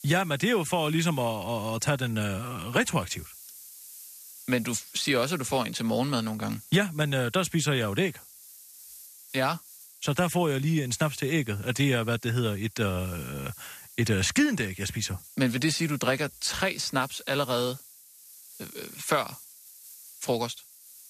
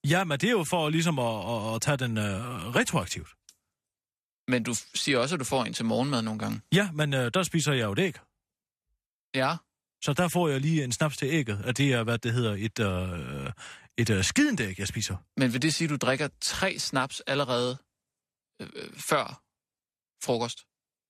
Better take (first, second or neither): second